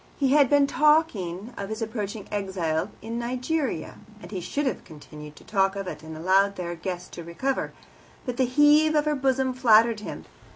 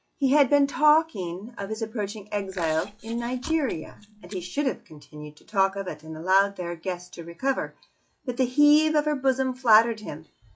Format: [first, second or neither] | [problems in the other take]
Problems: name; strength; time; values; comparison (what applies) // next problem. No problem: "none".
first | noise reduction (classical method log-MMSE)